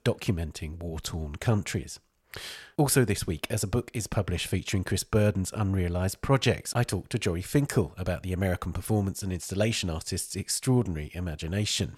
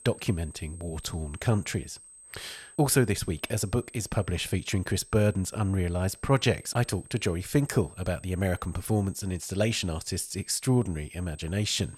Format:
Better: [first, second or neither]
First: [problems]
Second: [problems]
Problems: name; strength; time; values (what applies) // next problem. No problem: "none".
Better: first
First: none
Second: high-pitched whine; faint; throughout; 8.5 kHz, 20 dB below the speech